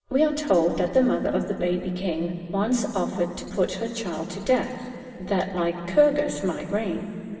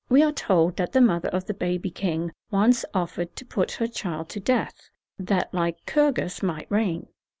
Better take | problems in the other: second | room echo; dies away in 2.6 s

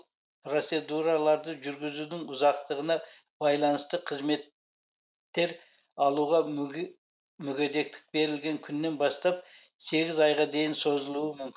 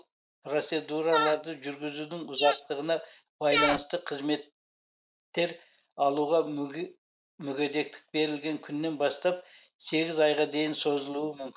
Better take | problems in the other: first | noise reduction (neural mask model Resemble Enhance denoiser)

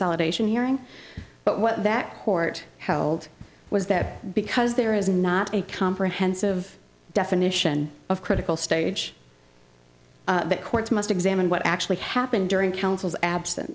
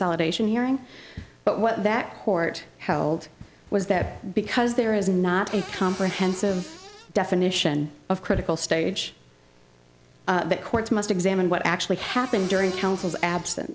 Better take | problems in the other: first | background sound (Cupboard open or close / Door); 15 dB below the speech

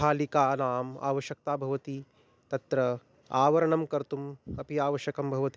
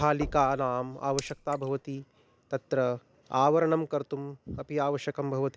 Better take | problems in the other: first | background sound (Raindrop / Splash, splatter + Knock); 16 dB below the speech

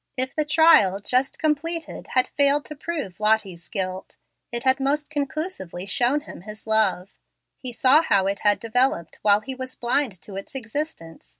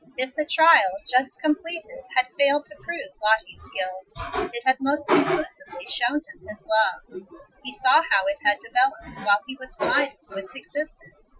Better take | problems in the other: first | noise reduction (classical method Wiener filter)

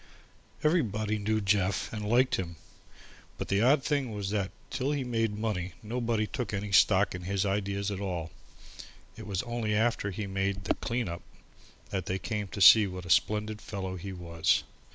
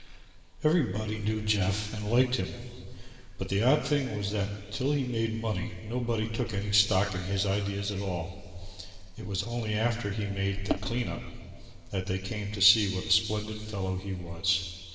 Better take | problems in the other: first | room echo; dies away in 2.8 s

